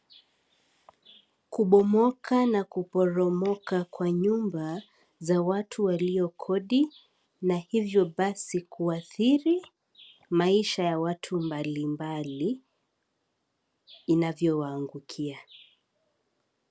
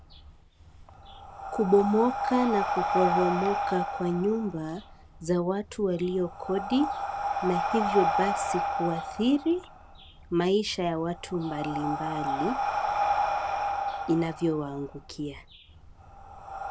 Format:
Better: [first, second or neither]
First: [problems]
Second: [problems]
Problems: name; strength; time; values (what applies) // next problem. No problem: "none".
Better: first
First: none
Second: background sound (Breathing); 3 dB below the speech